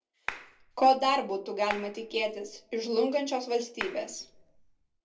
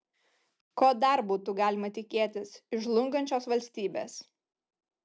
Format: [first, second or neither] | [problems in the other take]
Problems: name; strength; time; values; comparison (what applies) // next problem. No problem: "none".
second | background sound (Clapping); 14 dB below the speech // room echo; dies away in 0.2 s